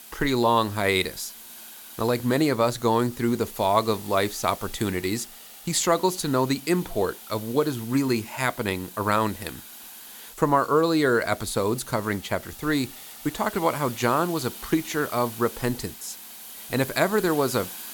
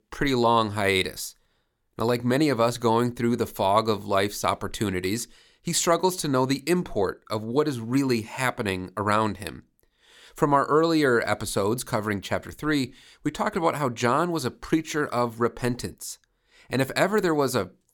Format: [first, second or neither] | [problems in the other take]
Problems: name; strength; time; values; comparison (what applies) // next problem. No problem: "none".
second | hiss; noticeable; throughout; 15 dB below the speech